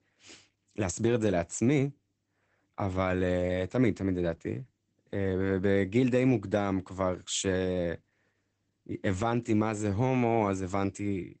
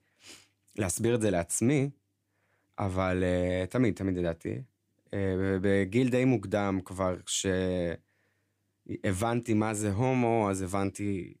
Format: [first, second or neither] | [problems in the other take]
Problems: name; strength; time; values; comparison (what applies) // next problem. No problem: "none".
second | garbled, watery; badly; nothing above 8 kHz